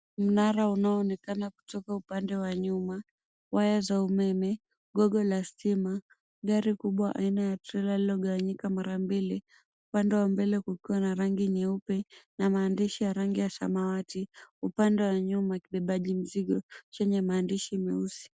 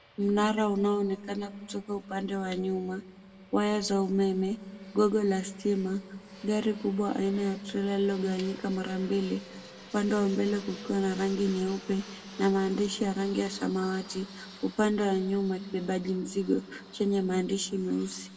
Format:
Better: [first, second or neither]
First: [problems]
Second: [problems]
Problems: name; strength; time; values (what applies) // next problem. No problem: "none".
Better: first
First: none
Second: background sound (Fixed-wing aircraft, airplane); 20 dB below the speech // room echo; dies away in 1.5 s